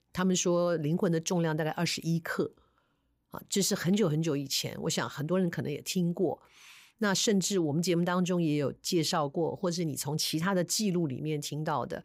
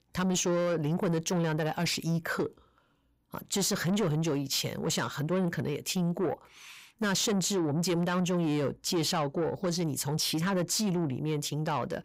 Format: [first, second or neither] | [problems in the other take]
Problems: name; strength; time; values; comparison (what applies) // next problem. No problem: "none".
first | distortion; slight; 10 dB below the speech